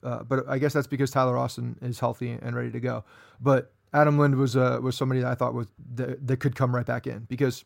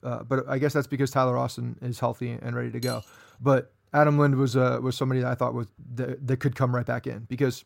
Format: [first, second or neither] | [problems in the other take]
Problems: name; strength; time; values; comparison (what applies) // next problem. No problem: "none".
first | clattering dishes; faint; at 3 s; peak 15 dB below the speech